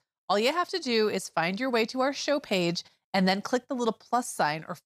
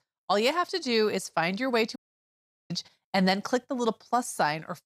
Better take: first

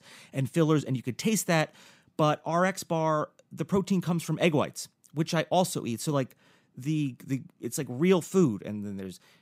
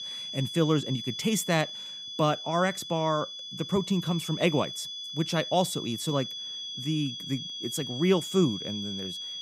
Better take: first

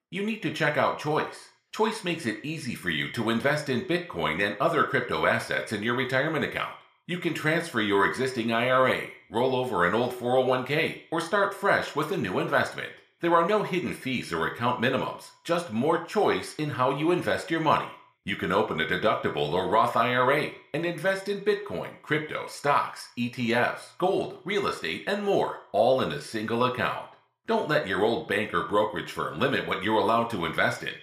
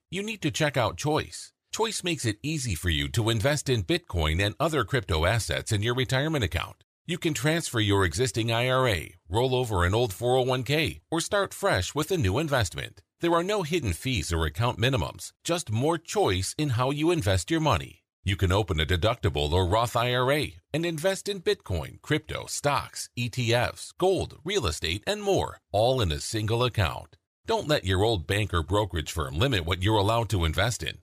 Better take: second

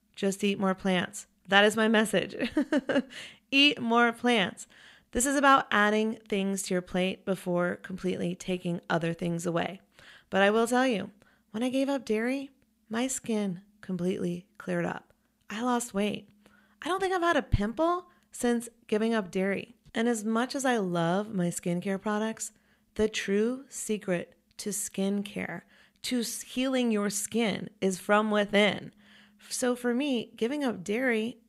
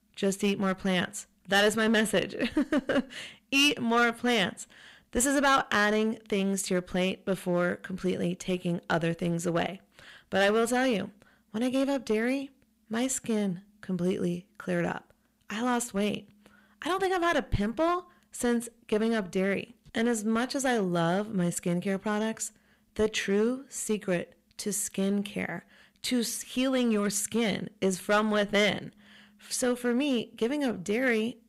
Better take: first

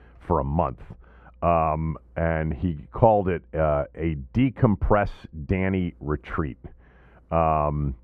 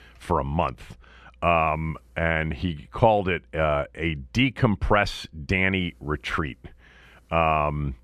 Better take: second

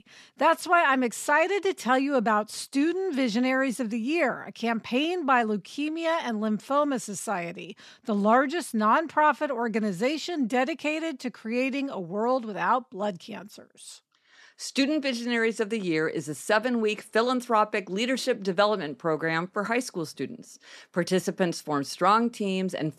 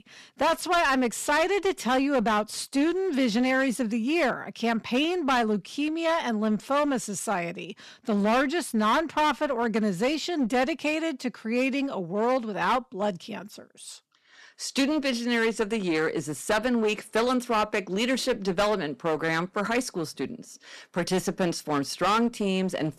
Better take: first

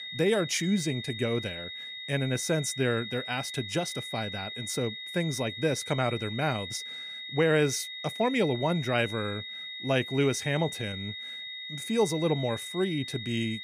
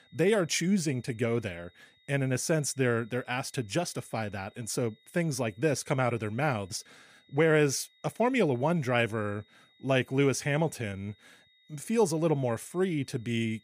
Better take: second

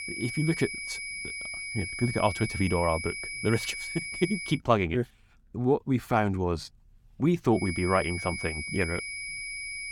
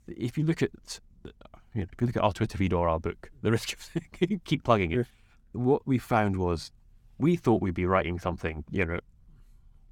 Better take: second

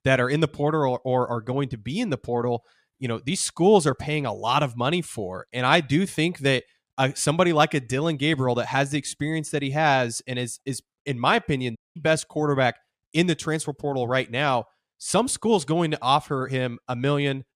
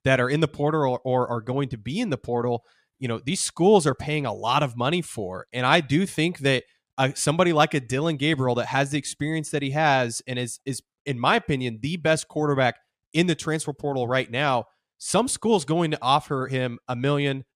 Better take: second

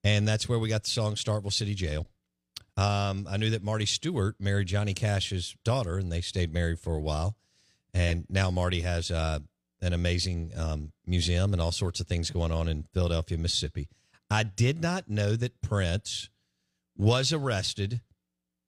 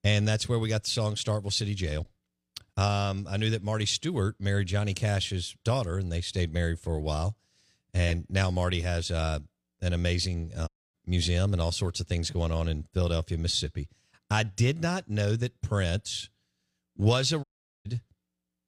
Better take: first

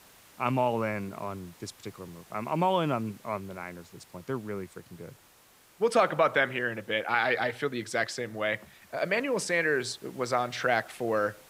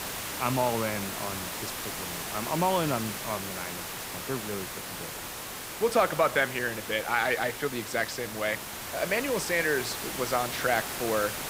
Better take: first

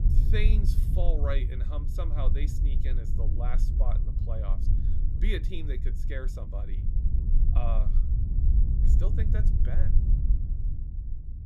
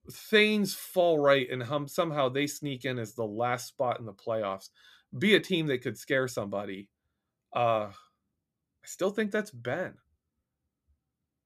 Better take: second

